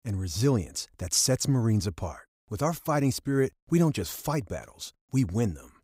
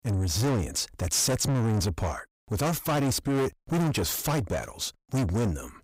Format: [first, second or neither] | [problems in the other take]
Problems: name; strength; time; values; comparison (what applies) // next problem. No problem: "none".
first | distortion; heavy; 6 dB below the speech